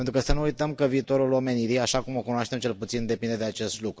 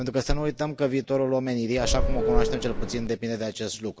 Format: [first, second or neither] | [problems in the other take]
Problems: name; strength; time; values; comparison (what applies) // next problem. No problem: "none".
first | background sound (Subway, metro, underground / Doorbell); 3 dB above the speech